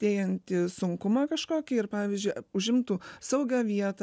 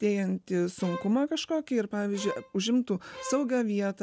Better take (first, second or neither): first